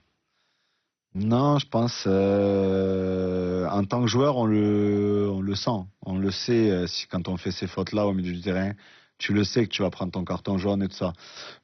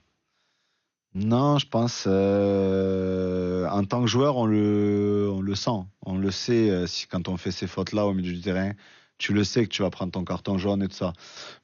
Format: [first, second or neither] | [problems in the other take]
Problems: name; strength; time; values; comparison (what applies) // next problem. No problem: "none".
second | garbled, watery; badly; nothing above 6 kHz; slightly in the second